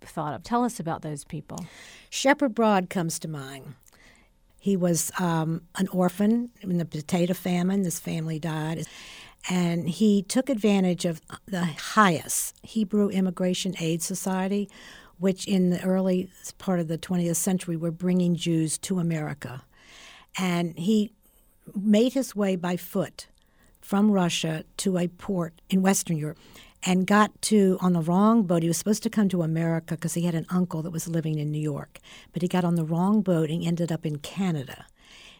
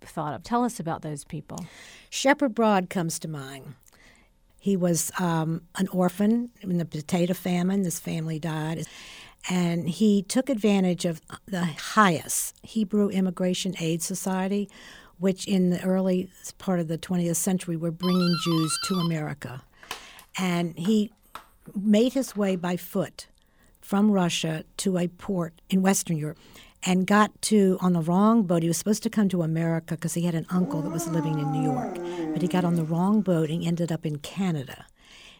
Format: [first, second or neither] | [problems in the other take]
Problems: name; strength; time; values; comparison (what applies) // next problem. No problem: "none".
first | doorbell; noticeable; from 18 to 23 s; peak 5 dB below the speech // dog barking; noticeable; from 31 to 33 s; peak 3 dB below the speech